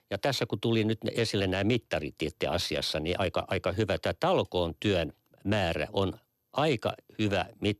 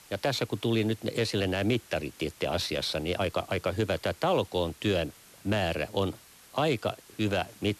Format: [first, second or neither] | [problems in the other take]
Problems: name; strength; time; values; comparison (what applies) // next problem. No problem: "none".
first | hiss; faint; throughout; 20 dB below the speech